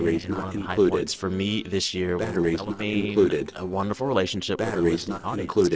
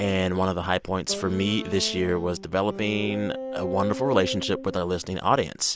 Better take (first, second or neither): second